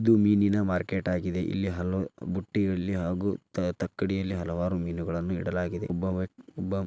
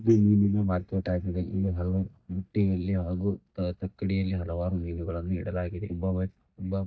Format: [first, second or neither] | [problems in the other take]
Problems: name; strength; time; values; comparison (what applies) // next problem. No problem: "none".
first | noise reduction (neural mask model DeepFilterNet 3)